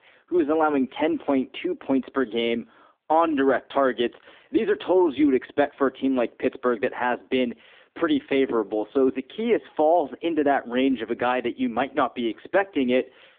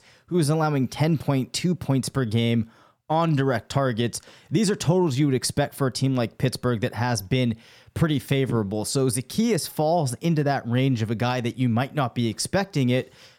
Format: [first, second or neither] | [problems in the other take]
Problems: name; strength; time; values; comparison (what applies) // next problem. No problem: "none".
second | phone-call audio; nothing above 3.5 kHz